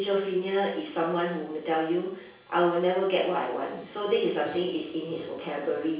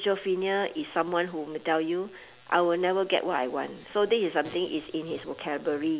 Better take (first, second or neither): second